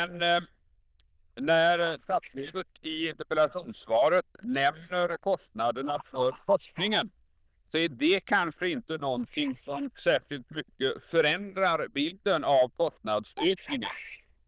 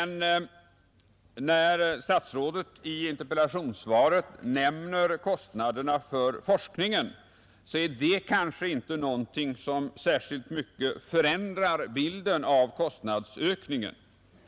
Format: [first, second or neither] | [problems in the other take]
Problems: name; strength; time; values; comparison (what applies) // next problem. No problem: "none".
second | noise reduction (neural diffusion model UNIVERSE++)